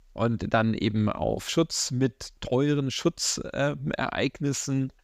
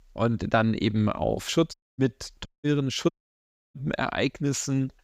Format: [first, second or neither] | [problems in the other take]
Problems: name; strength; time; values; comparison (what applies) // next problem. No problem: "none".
first | audio cutting out; at 1.5 s, at 2.5 s and at 3 s for 0.5 s